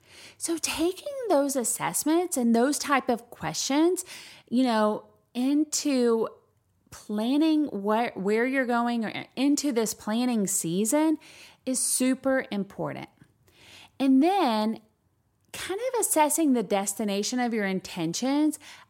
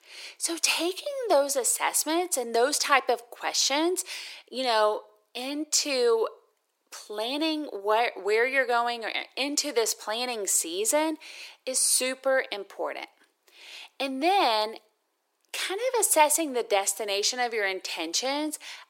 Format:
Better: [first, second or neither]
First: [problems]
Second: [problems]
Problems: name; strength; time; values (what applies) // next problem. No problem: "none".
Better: first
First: none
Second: thin; very; fading below 400 Hz